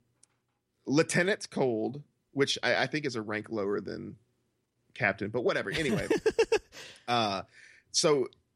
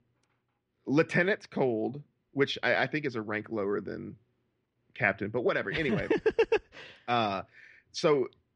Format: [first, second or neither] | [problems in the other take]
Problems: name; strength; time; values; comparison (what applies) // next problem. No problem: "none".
first | muffled; slightly; fading above 2.5 kHz